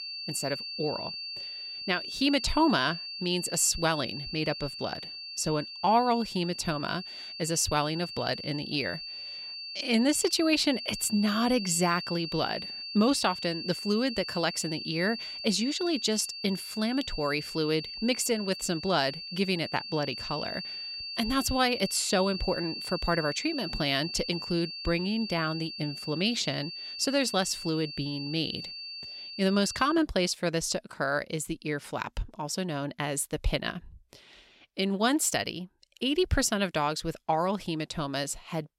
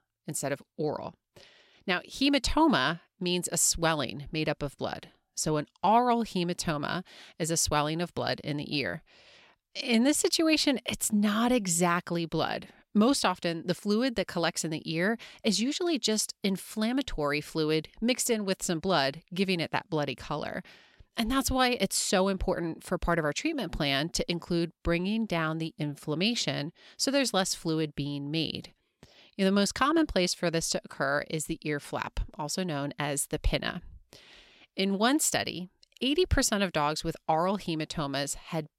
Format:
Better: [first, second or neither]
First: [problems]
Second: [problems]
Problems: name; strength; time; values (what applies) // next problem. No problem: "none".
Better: second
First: high-pitched whine; loud; until 30 s; 4.5 kHz, 7 dB below the speech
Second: none